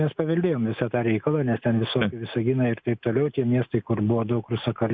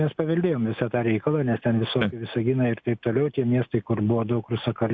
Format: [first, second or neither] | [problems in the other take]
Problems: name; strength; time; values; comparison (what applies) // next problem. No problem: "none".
second | noise reduction (neural mask model Resemble Enhance denoiser)